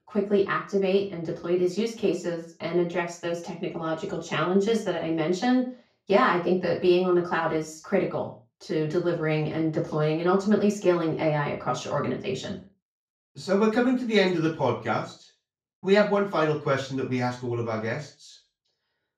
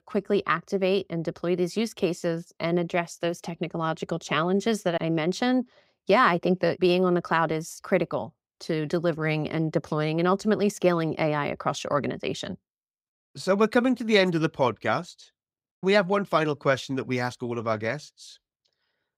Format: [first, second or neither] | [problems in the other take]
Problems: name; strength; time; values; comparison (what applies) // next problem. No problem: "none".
second | room echo; slight; dies away in 0.3 s // off-mic speech; far